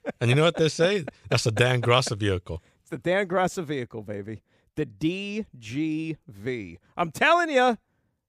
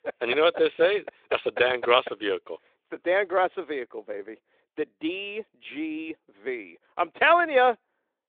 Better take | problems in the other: first | phone-call audio; nothing above 3.5 kHz

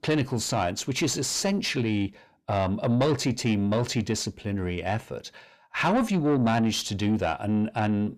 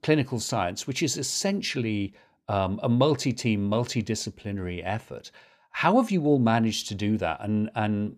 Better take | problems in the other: second | distortion; slight; 10 dB below the speech

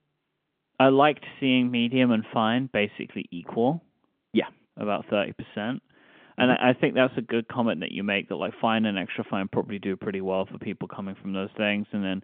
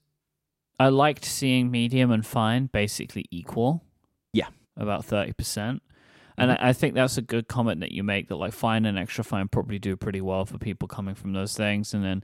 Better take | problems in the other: second | phone-call audio; nothing above 3.5 kHz

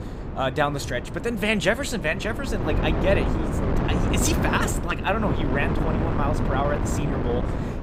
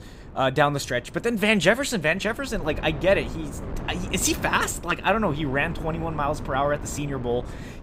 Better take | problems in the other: second | wind noise on the microphone; heavy; 5 dB below the speech; occasional gusts in the second

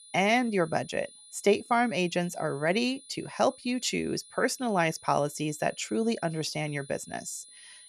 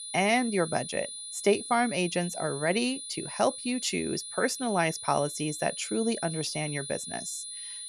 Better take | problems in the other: first | high-pitched whine; loud; throughout; 9.5 kHz, 8 dB below the speech; faint in the first

